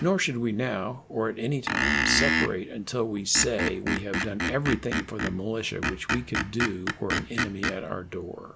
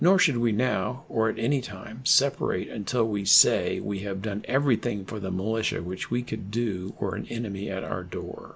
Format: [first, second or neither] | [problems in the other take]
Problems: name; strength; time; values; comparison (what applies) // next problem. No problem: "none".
second | background sound (Screech); 1 dB below the speech